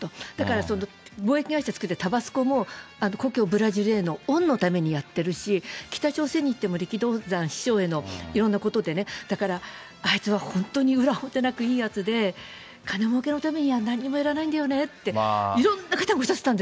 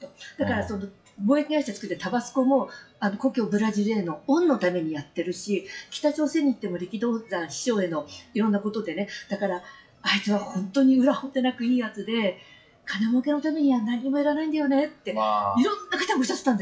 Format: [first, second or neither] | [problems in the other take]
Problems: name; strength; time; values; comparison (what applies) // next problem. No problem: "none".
first | noise reduction (classical method WPE with log-MMSE)